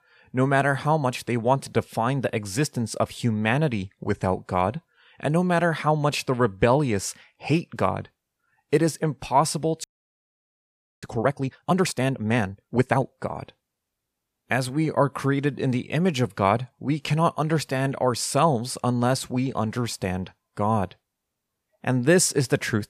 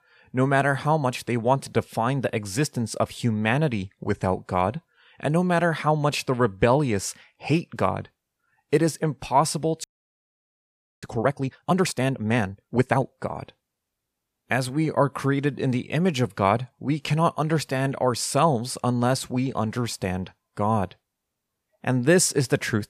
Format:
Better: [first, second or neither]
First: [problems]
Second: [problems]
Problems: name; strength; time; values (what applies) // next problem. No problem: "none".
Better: neither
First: audio freezing; at 10 s for 1 s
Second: audio freezing; at 10 s for 1 s